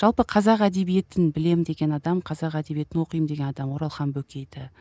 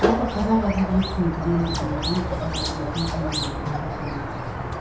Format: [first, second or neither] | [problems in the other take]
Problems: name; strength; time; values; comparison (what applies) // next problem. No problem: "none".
first | background sound (Squeak); 1 dB below the speech // room echo; dies away in 0.7 s